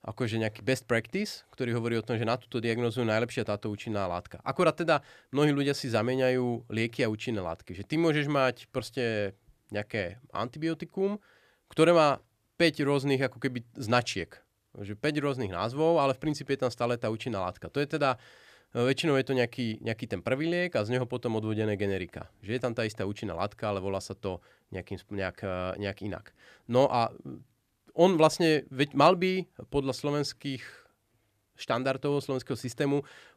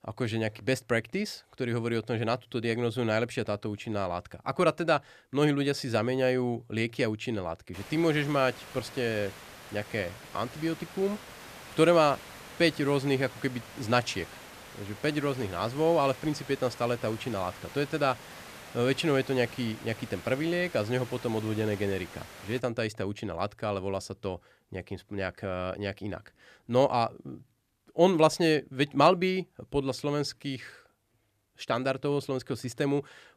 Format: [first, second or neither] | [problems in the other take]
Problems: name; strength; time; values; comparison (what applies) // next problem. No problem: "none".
first | hiss; noticeable; from 7.5 to 23 s; 15 dB below the speech